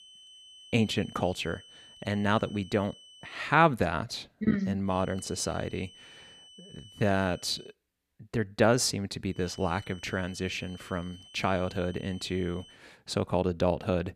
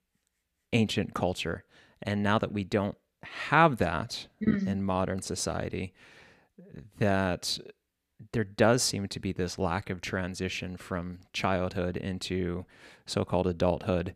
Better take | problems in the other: second | high-pitched whine; faint; until 3.5 s, from 5 to 7.5 s and from 9.5 to 13 s; 3 kHz, 20 dB below the speech

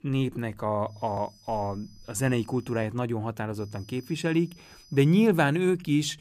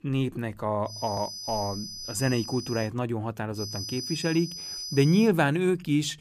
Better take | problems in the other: first | high-pitched whine; loud; from 1 to 3 s and from 3.5 to 5.5 s; 5 kHz, 8 dB below the speech; faint in the first

